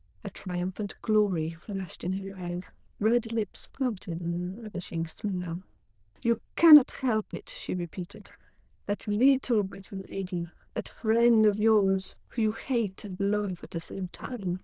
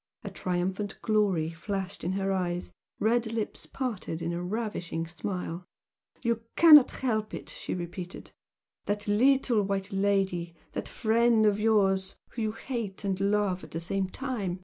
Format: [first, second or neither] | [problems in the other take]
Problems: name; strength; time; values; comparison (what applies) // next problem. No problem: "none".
second | noise reduction (neural diffusion model UNIVERSE++)